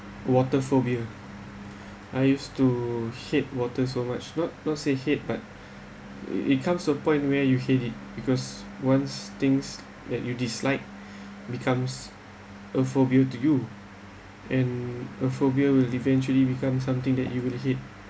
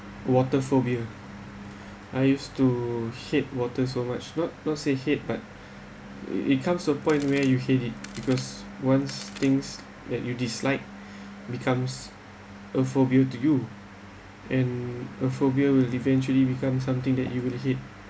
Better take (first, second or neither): first